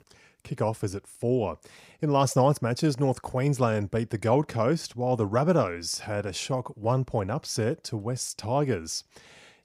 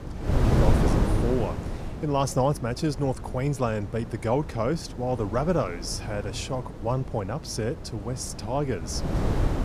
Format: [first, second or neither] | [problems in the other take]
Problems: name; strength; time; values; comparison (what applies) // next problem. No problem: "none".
first | wind noise on the microphone; heavy; 7 dB below the speech